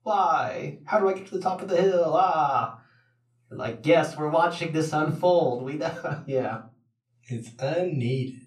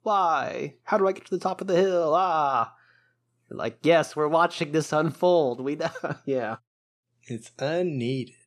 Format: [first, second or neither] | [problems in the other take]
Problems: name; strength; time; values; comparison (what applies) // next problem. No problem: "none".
second | off-mic speech; somewhat distant // room echo; very slight; dies away in 0.3 s